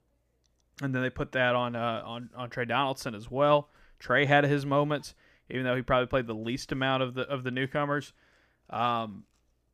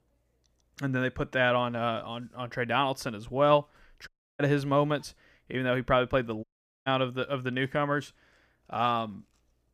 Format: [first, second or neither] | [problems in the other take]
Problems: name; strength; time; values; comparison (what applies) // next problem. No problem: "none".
first | audio cutting out; at 4 s and at 6.5 s